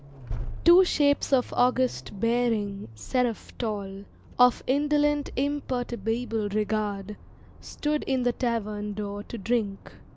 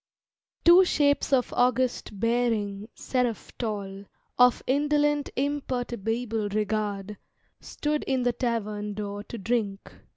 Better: second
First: background sound (Accelerating, revving, vroom); 15 dB below the speech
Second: none

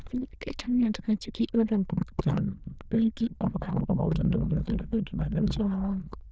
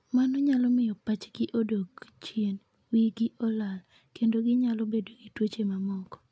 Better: second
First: noise reduction (neural diffusion model UNIVERSE++)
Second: none

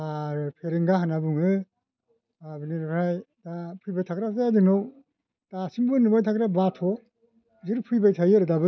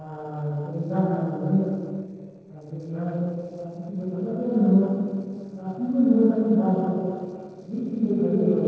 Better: first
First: none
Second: noise reduction (neural separator model SepFormer DNS4)

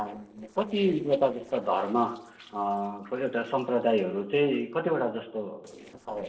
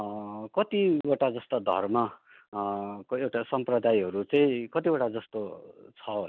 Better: second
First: noise reduction (neural separator model SepFormer DNS4)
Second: none

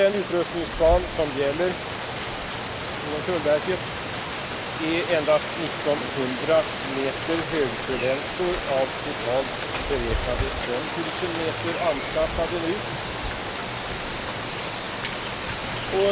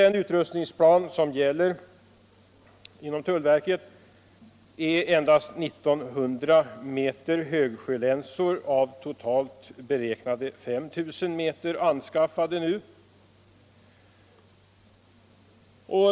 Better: second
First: background sound (Rain); 3 dB below the speech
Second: none

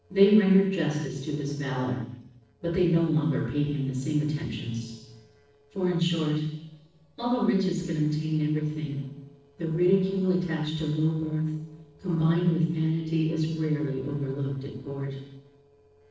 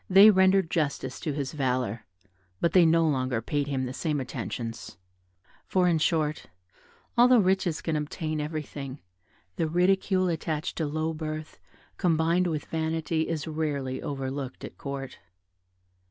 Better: second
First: noise reduction (neural separator model SepFormer DNS4)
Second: none

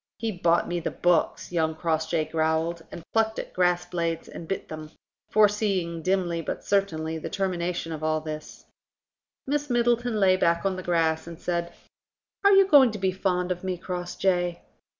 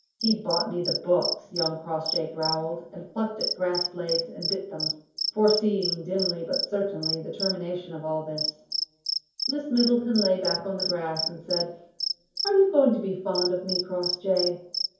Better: first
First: none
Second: background sound (Cricket); 5 dB below the speech // room echo; dies away in 0.6 s

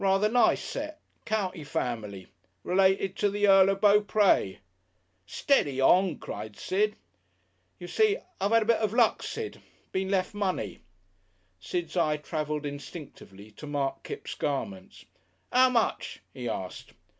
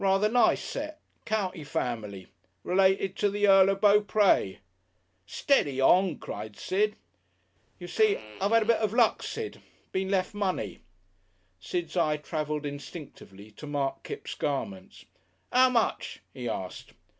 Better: first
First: none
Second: background sound (Fart); 20 dB below the speech

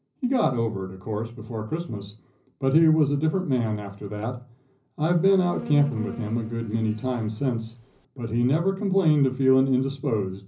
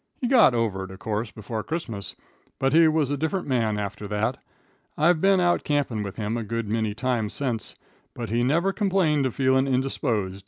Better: second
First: background sound (Insect); 16 dB below the speech // room echo; dies away in 0.5 s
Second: none

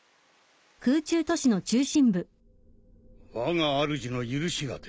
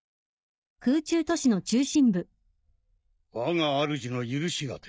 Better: first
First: none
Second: noise reduction (neural mask model DeepFilterNet 3)

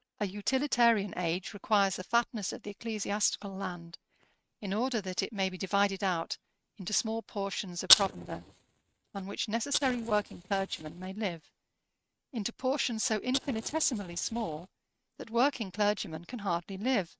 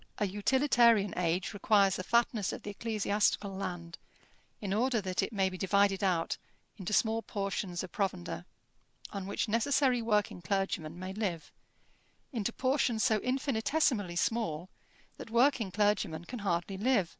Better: second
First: noise reduction (neural mask model RNNoise)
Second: none

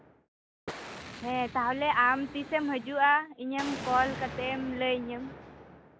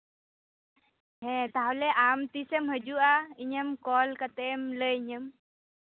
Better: second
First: background sound (Explosion); 13 dB below the speech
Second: none

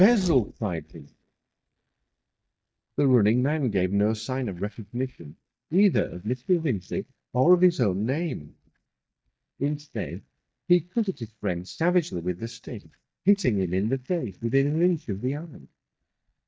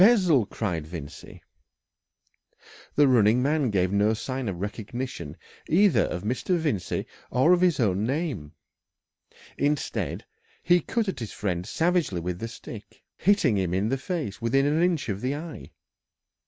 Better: second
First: noise reduction (neural mask model DeepFilterNet 3)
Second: none

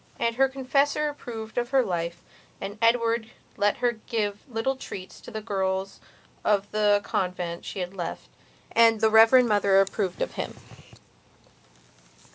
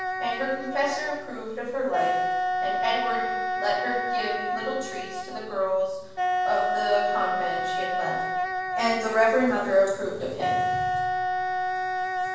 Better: first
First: none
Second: background sound (Wind instrument, woodwind instrument); as loud as the speech // room echo; dies away in 1.2 s

